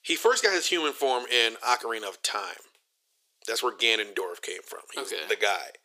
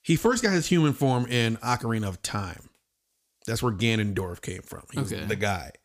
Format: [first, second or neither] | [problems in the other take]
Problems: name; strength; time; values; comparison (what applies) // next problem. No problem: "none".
second | thin; very; fading below 400 Hz